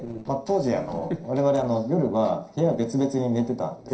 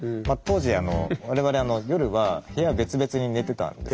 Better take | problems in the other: second | noise reduction (neural separator model SepFormer DNS4)

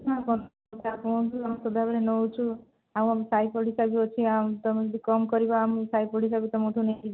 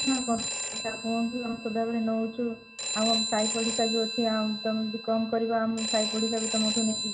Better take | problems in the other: first | background sound (Telephone); 4 dB below the speech // room echo; dies away in 1 s

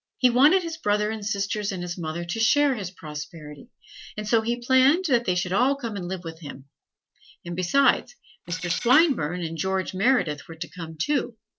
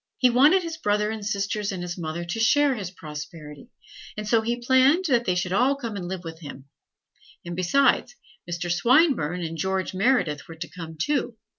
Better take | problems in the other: second | noise reduction (neural separator model SepFormer DNS4)

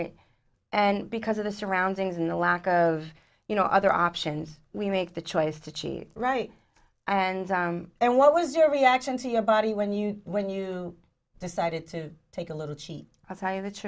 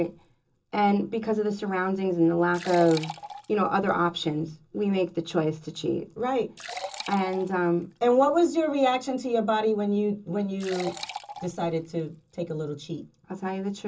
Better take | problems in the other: first | background sound (Liquid); 18 dB below the speech // room echo; dies away in 0.2 s

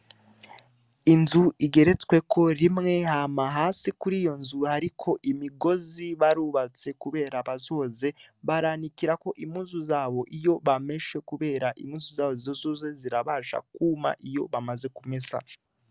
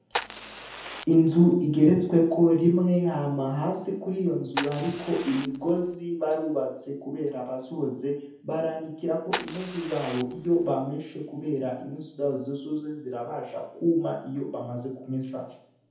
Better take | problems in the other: first | background sound (Fire); 11 dB below the speech // room echo; dies away in 0.7 s

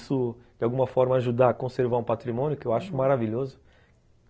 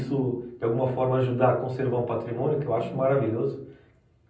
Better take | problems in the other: first | room echo; dies away in 0.6 s

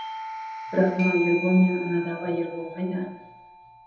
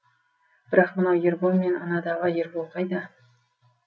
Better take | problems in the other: second | background sound (Doorbell); 10 dB below the speech // room echo; dies away in 0.9 s

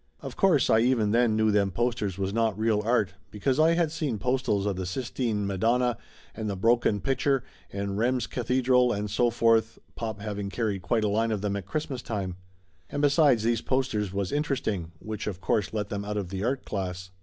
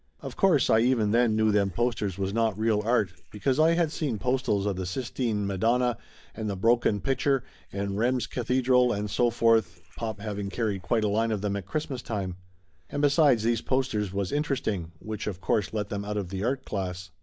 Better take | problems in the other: first | noise reduction (neural mask model Resemble Enhance denoiser)

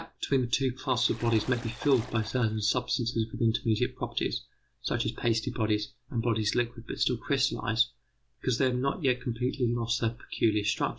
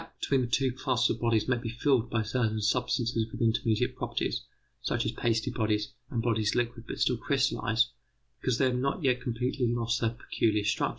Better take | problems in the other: second | background sound (Water / Splash, splatter); 18 dB below the speech

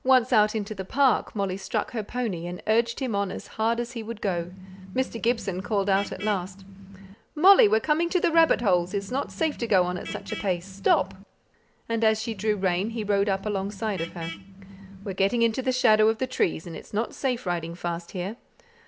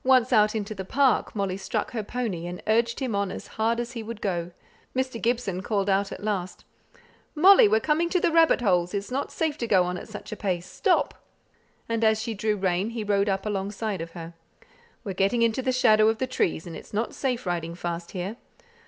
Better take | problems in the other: second | background sound (Vehicle horn, car horn, honking); 14 dB below the speech

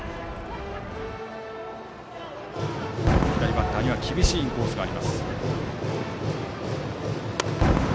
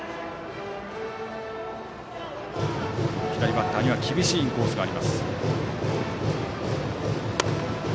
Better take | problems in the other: second | background sound (Fireworks); 1 dB below the speech

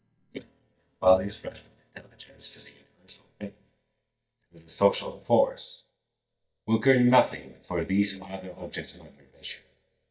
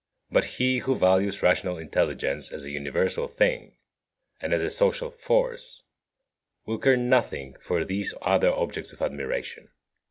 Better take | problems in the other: second | noise reduction (neural mask model DeepFilterNet 3)

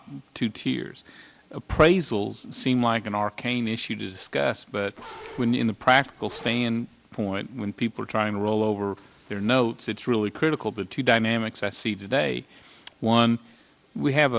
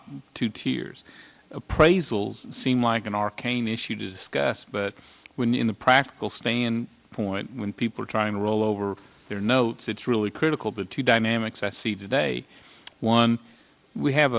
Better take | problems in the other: second | background sound (Bark); 19 dB below the speech

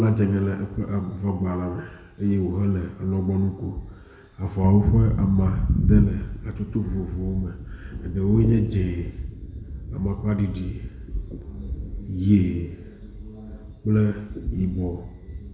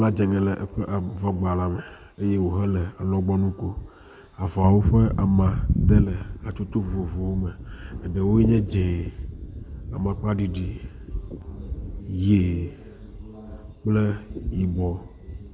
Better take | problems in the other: second | room echo; dies away in 0.8 s

